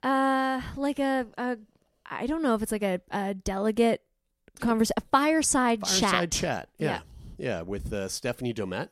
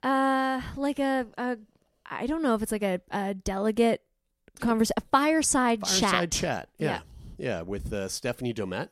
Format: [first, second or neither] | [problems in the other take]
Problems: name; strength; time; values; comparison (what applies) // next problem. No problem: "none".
neither | none